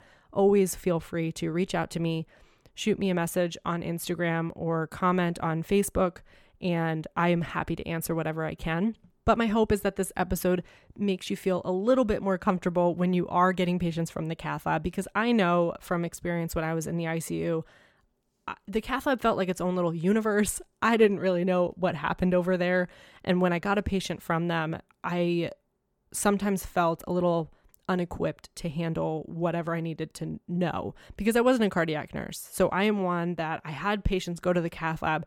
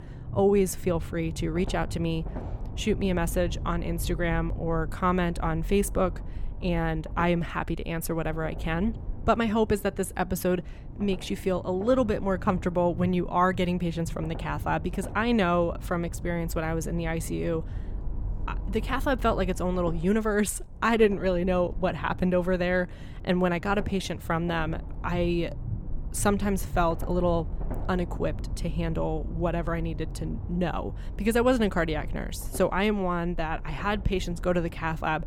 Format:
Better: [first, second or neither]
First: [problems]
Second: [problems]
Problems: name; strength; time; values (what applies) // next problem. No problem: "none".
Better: first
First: none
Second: low rumble; noticeable; throughout; 20 dB below the speech